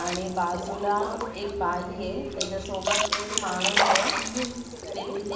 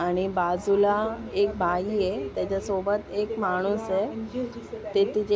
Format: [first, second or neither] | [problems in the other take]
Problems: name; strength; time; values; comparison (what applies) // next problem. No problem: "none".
second | background sound (Splash, splatter); as loud as the speech // room echo; dies away in 0.9 s